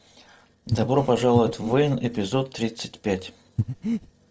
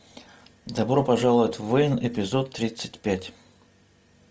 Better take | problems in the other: second | noise reduction (neural separator model SepFormer DNS4)

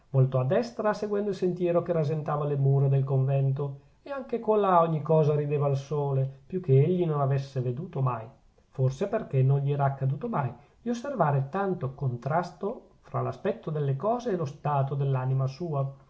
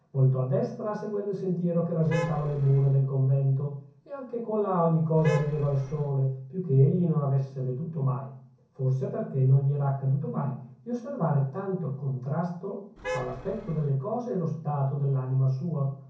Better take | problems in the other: first | background sound (Traffic noise, roadway noise / Vehicle horn, car horn, honking); 10 dB below the speech // room echo; dies away in 0.6 s

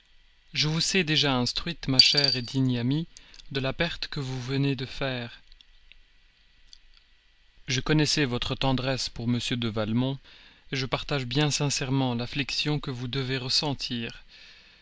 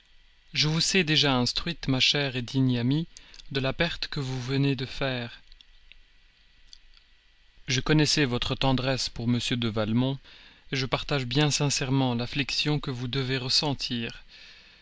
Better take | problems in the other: second | background sound (Coin (dropping)); as loud as the speech

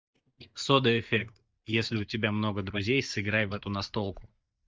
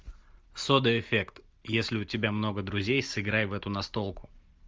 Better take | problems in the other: second | noise reduction (neural mask model DeepFilterNet 3)

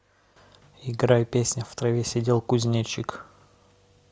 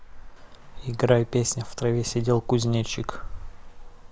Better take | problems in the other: first | background sound (Traffic noise, roadway noise); 11 dB below the speech

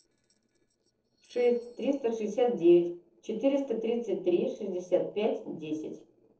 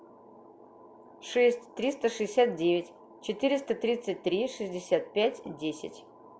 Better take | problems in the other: second | noise reduction (neural separator model SepFormer DNS4)

